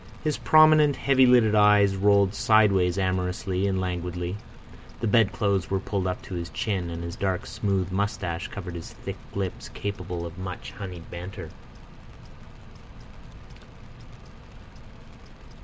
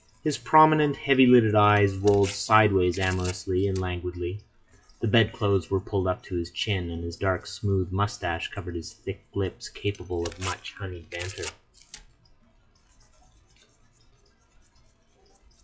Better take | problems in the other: first | noise reduction (classical method WPE with log-MMSE)

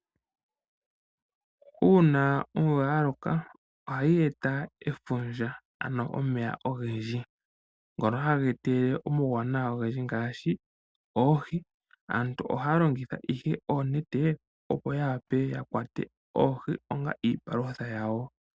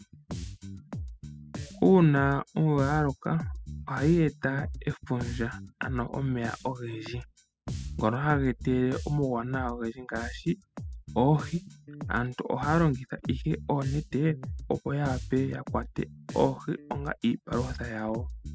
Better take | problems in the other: first | noise reduction (classical method spectral subtraction)

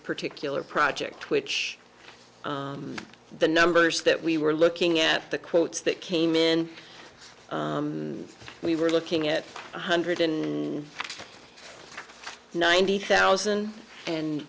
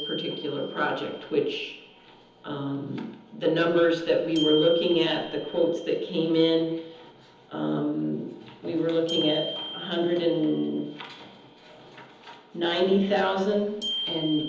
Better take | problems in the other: first | background sound (Glockenspiel); 13 dB below the speech // room echo; dies away in 1.3 s

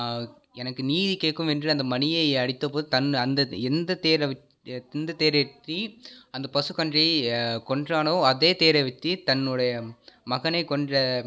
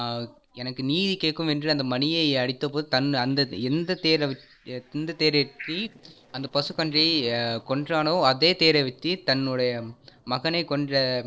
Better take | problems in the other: first | noise reduction (neural separator model SepFormer DNS4)

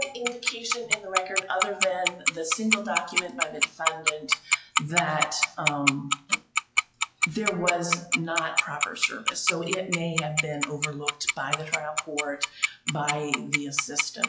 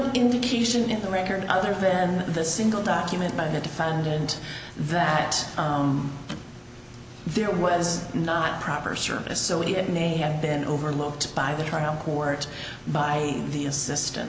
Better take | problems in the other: second | noise reduction (classical method log-MMSE)

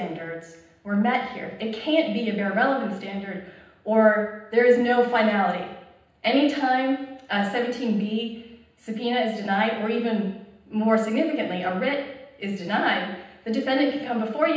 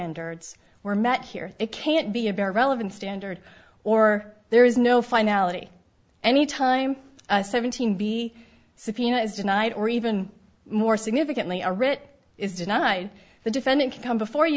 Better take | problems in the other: second | room echo; dies away in 0.9 s

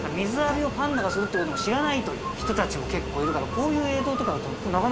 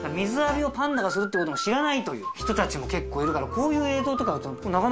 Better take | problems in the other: second | background sound (Fixed-wing aircraft, airplane); 8 dB below the speech

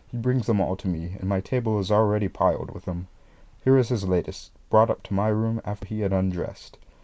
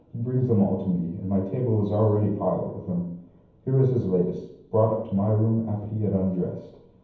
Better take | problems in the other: first | room echo; dies away in 0.9 s

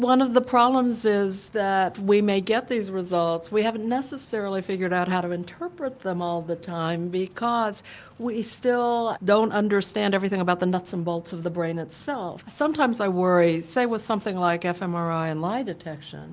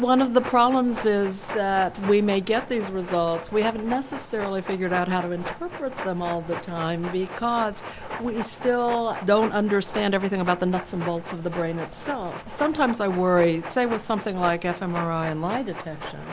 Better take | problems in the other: first | background sound (Train); 12 dB below the speech

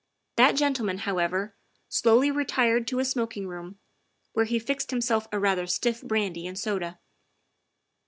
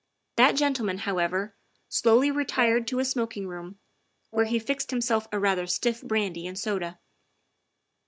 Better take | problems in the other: first | background sound (Brass instrument); 14 dB below the speech

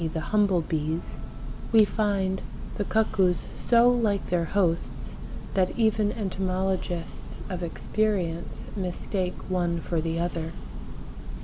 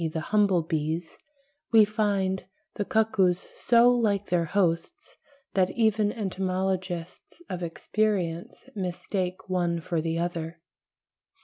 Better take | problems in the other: second | background sound (Church bell + Glockenspiel); 5 dB below the speech

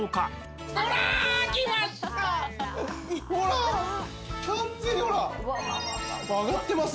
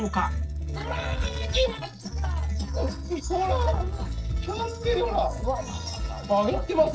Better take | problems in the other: first | noise reduction (neural separator model SepFormer DNS4)

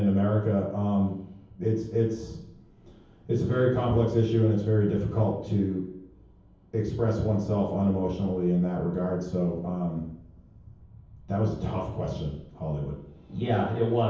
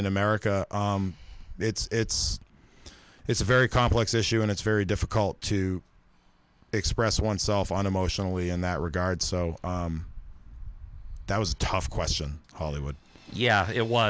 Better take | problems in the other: second | room echo; dies away in 0.9 s

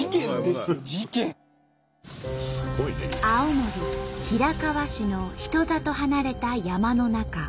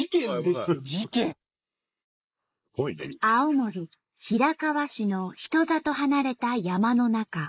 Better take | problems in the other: first | noise reduction (neural mask model Resemble Enhance denoiser)

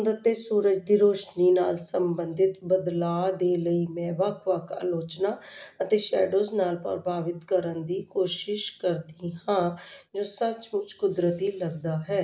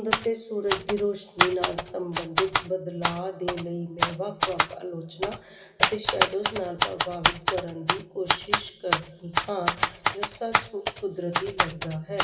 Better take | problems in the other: first | background sound (Typewriter); 3 dB above the speech // room echo; dies away in 1.7 s

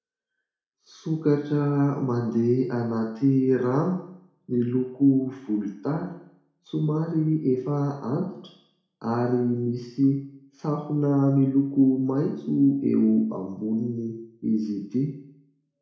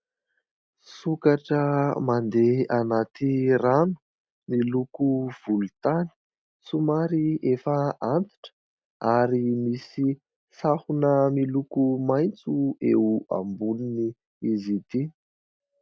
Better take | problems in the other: second | room echo; dies away in 0.6 s

